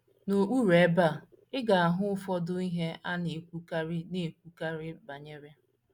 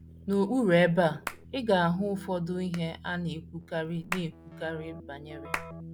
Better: first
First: none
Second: background sound (Hands + Keyboard (musical)); 14 dB below the speech

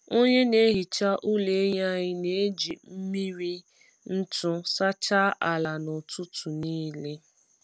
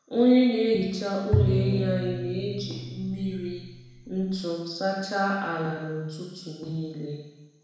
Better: first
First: none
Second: background sound (Bowed string instrument); 2 dB below the speech // room echo; dies away in 1.1 s

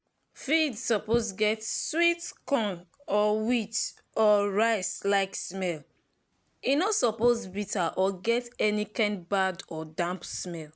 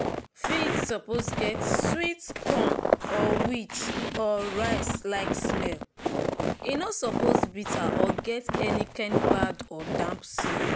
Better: first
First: none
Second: background sound (Walk, footsteps); 4 dB above the speech

